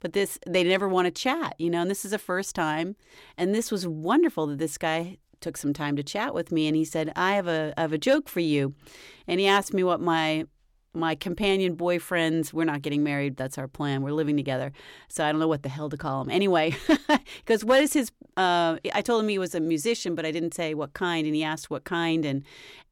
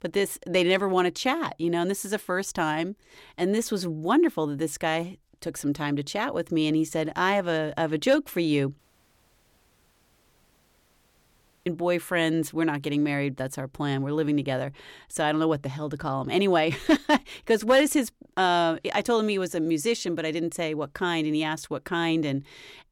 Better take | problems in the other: first | audio cutting out; at 9 s for 3 s

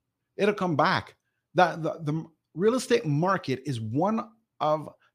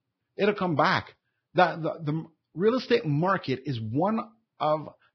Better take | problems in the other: first | garbled, watery; badly; nothing above 5.5 kHz

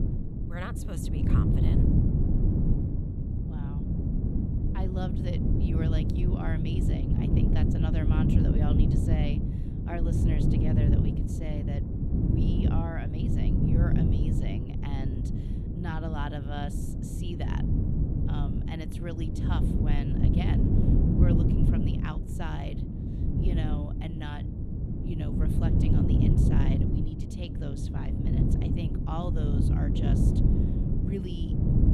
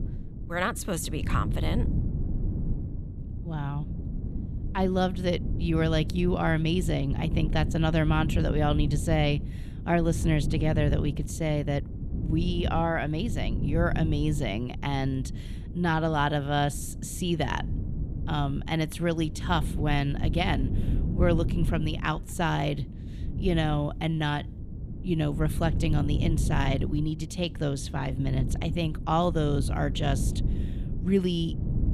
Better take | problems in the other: second | wind noise on the microphone; heavy; 4 dB above the speech; occasional gusts in the second

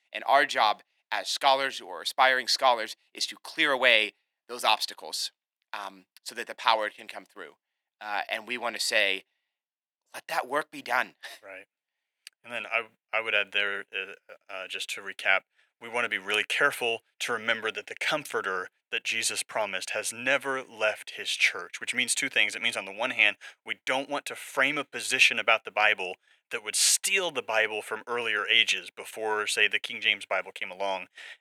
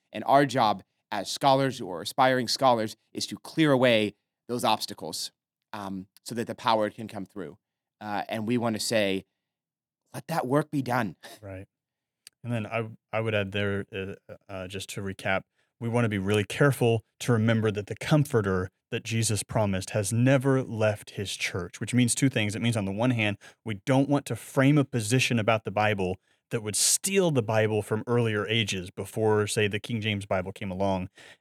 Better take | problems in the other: second | thin; very; fading below 600 Hz

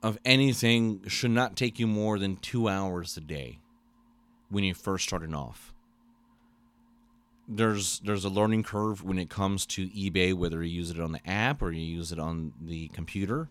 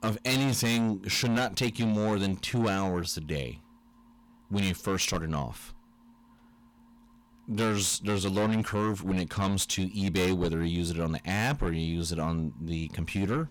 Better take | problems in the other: first | distortion; heavy; 6 dB below the speech

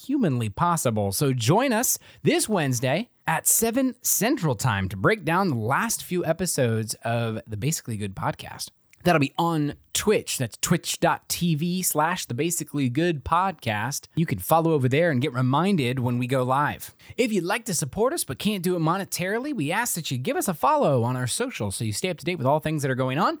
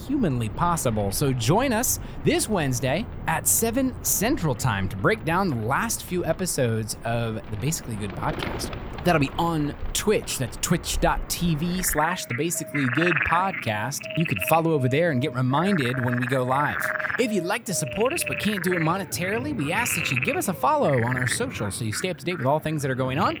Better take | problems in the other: first | animal sounds; loud; throughout; 7 dB below the speech

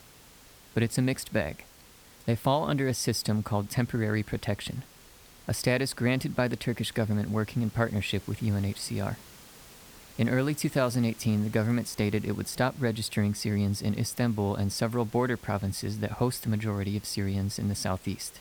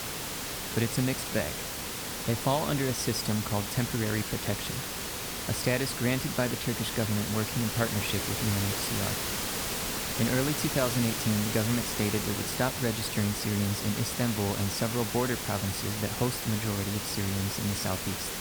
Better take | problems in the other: first | hiss; loud; throughout; 1 dB below the speech; faint in the first

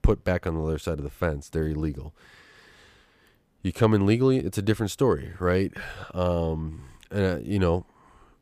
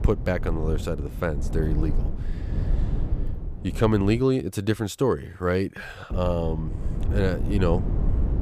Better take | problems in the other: first | low rumble; noticeable; until 4 s and from 6 s on; 15 dB below the speech

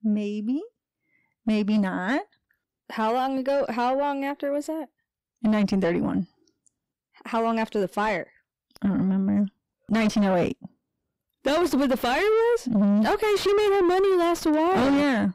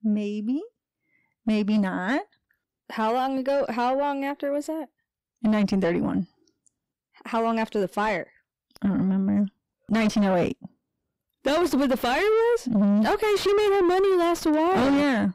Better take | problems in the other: neither | distortion; heavy; 5 dB below the speech; the same in both

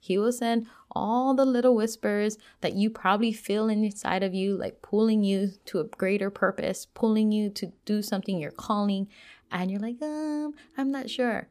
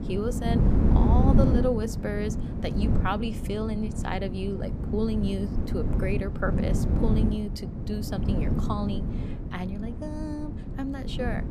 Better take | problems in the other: first | wind noise on the microphone; heavy; 3 dB below the speech

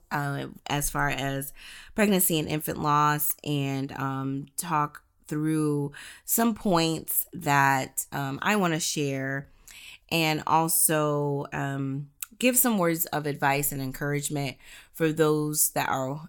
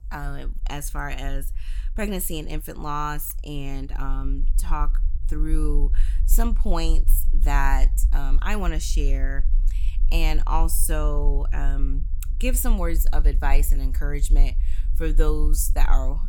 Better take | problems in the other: first | low rumble; faint; throughout; 20 dB below the speech

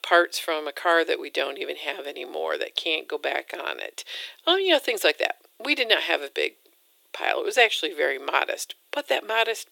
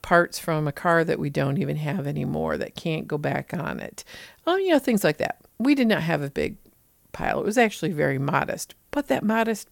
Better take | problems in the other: second | thin; very; fading below 350 Hz

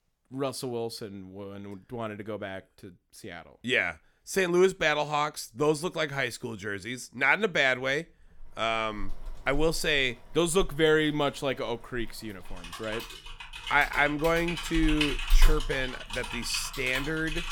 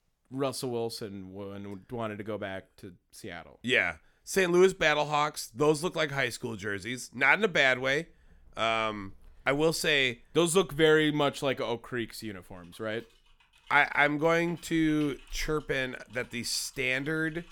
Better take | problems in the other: second | household noises; loud; from 8.5 s on; 7 dB below the speech; faint in the second

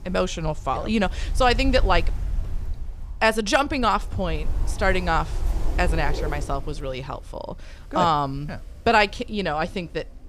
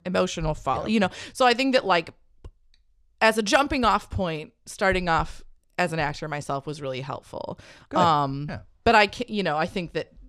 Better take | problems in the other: second | wind noise on the microphone; occasional gusts; 20 dB below the speech

